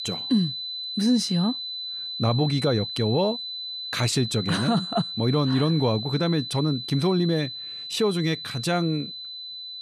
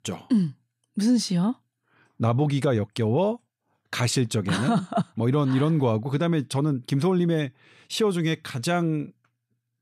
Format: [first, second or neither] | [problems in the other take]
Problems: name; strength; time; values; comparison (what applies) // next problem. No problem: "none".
second | high-pitched whine; loud; throughout; 4 kHz, 6 dB below the speech